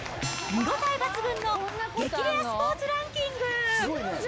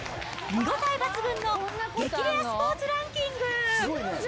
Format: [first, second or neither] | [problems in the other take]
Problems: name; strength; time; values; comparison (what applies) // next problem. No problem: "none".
second | background sound (Acoustic guitar); 15 dB below the speech